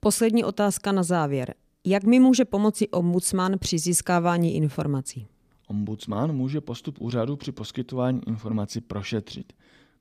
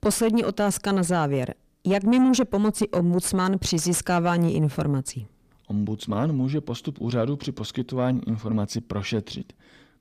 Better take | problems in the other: first | distortion; slight; 10 dB below the speech

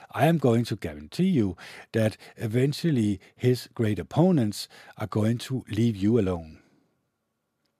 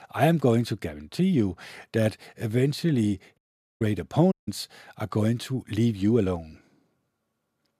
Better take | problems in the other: first | audio cutting out; at 3.5 s and at 4.5 s

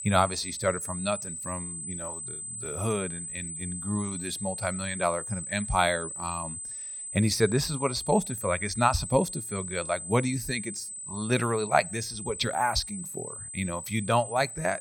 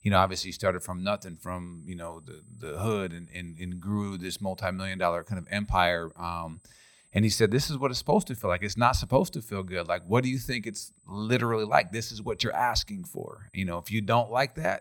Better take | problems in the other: second | high-pitched whine; loud; throughout; 8 kHz, 6 dB below the speech; faint in the second

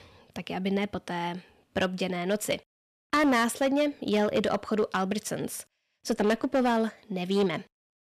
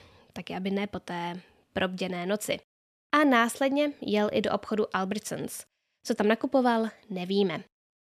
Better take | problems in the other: second | distortion; slight; 5% of the sound clipped

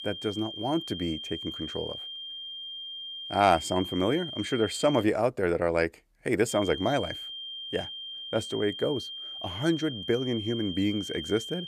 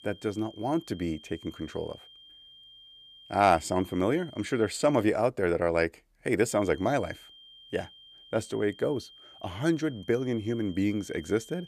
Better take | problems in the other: second | high-pitched whine; loud; until 5 s and from 6.5 s on; 3 kHz, 8 dB below the speech; faint in the second

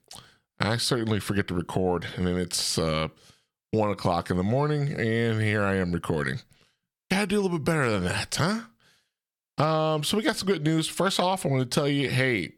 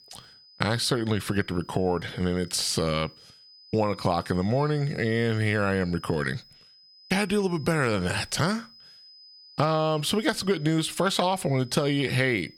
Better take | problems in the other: first | high-pitched whine; faint; throughout; 5 kHz, 25 dB below the speech

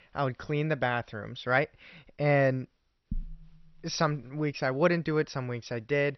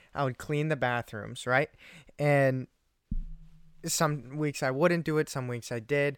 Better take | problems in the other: second | garbled, watery; slightly; nothing above 6 kHz

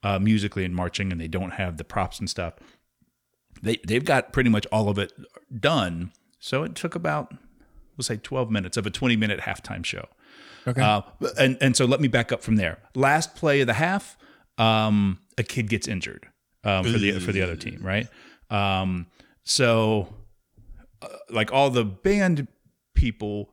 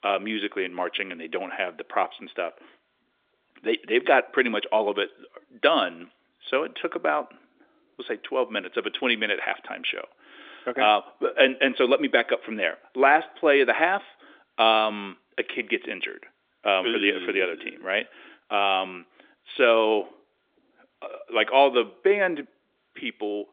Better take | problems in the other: first | phone-call audio; nothing above 3.5 kHz

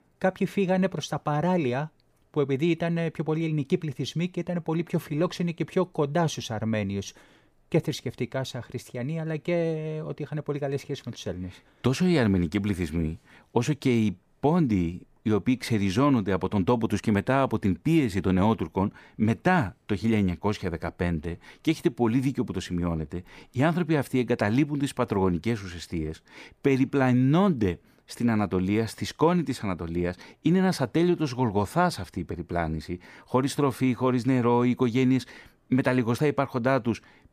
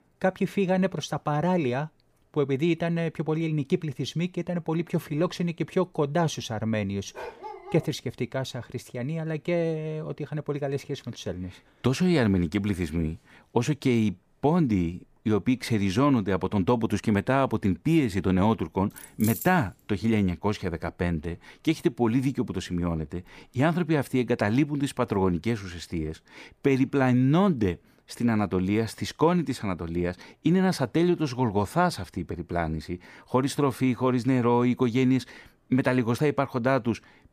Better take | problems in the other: first | dog barking; faint; at 7 s; peak 10 dB below the speech // jangling keys; noticeable; at 19 s; peak 8 dB below the speech

